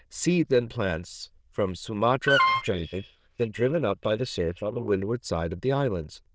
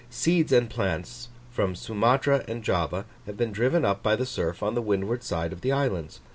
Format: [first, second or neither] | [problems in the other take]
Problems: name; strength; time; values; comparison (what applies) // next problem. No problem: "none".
second | noise reduction (neural diffusion model UNIVERSE++)